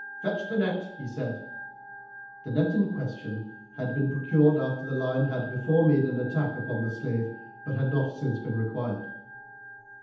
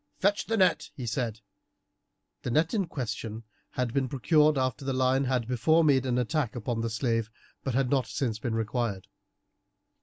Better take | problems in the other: second | background sound (Organ); 14 dB below the speech // room echo; dies away in 0.8 s

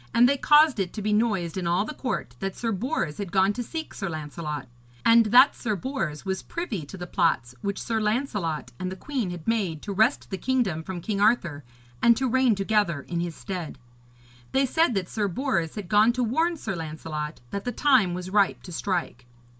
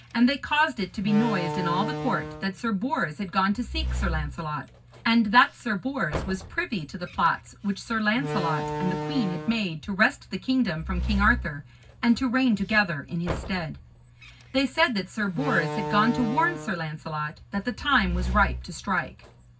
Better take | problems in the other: first | background sound (Slam); 8 dB below the speech // room echo; dies away in 0.4 s

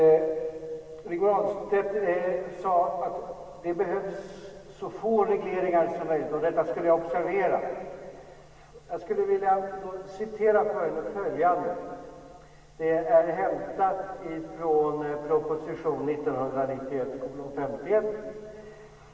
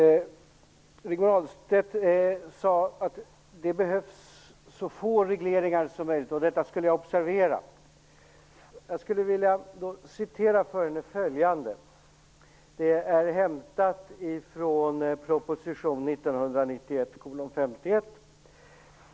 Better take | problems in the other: second | room echo; dies away in 2.3 s

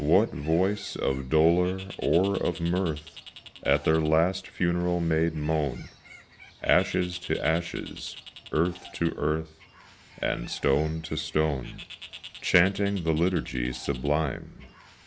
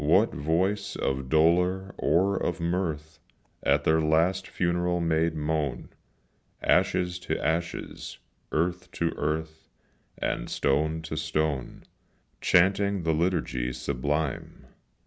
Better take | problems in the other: second | background sound (Bird); 19 dB below the speech

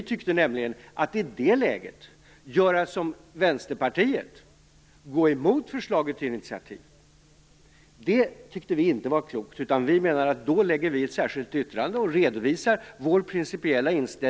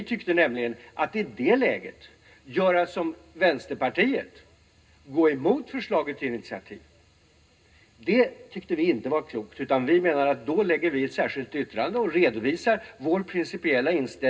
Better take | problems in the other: first | room echo; dies away in 0.2 s

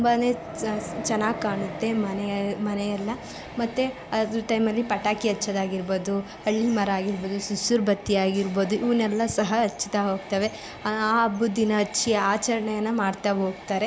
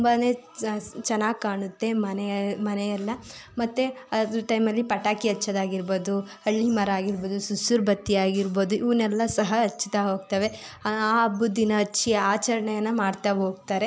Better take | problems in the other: second | background sound (Train); 14 dB below the speech

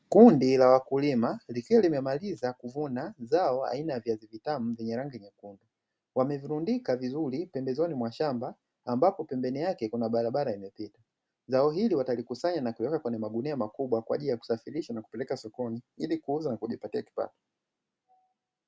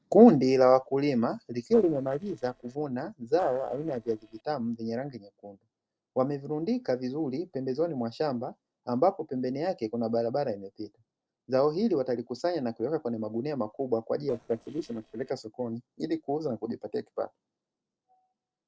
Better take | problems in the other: first | noise reduction (neural separator model SepFormer DNS4)

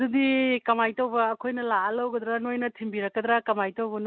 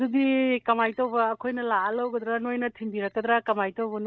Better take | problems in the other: first | noise reduction (neural mask model DeepFilterNet 3)

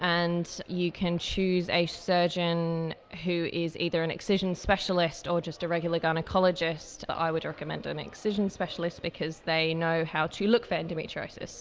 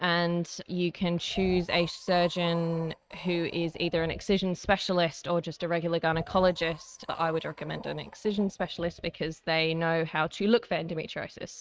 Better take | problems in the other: first | noise reduction (neural mask model RNNoise)

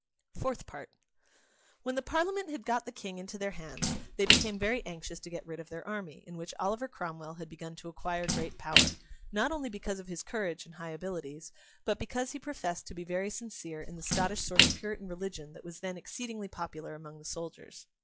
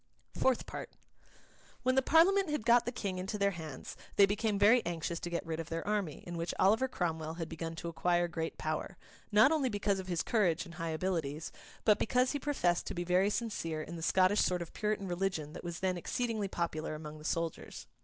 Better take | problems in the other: second | noise reduction (classical method log-MMSE)

